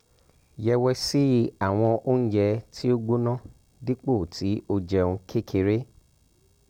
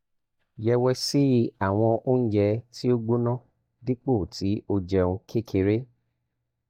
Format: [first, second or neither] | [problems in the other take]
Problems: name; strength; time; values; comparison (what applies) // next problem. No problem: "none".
first | noise reduction (neural mask model DeepFilterNet 3)